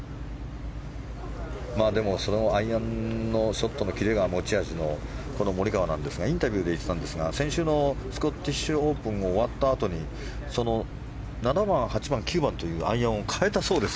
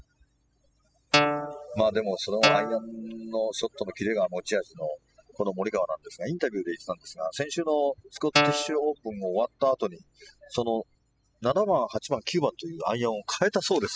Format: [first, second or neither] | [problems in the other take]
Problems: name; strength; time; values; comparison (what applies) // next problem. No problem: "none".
first | noise reduction (classical method spectral subtraction)